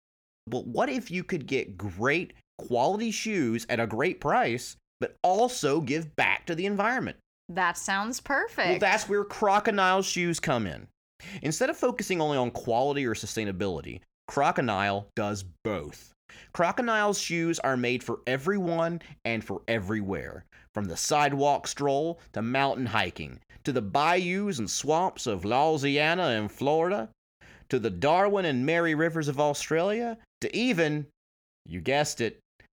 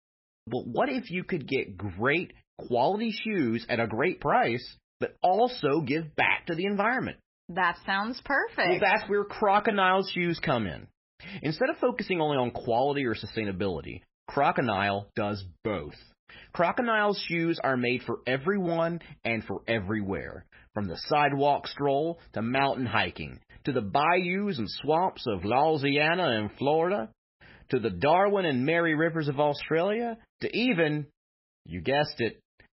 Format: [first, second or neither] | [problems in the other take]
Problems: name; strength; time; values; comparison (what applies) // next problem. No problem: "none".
first | garbled, watery; badly; nothing above 5.5 kHz